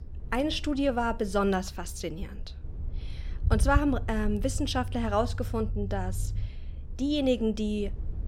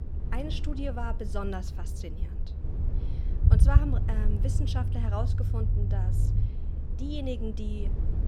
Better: first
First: low rumble; faint; throughout; 20 dB below the speech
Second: low rumble; loud; throughout; 6 dB below the speech

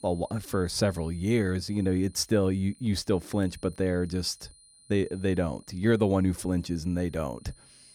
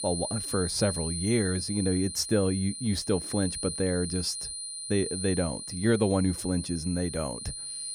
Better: first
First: high-pitched whine; faint; throughout; 9.5 kHz, 25 dB below the speech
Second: high-pitched whine; loud; throughout; 9.5 kHz, 5 dB below the speech

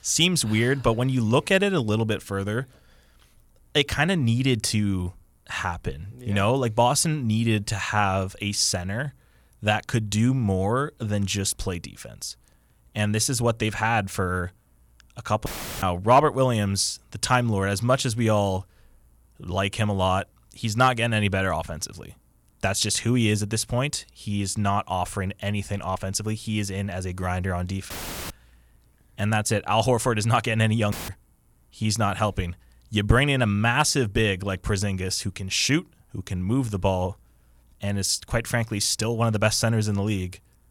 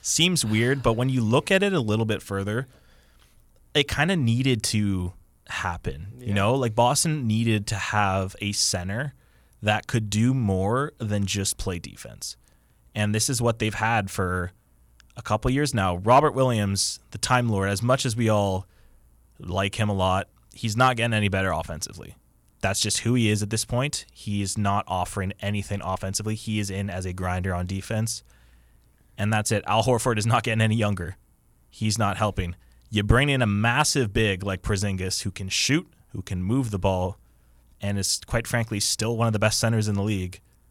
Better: second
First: audio cutting out; filled with static; at 15 s, at 28 s and at 31 s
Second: none

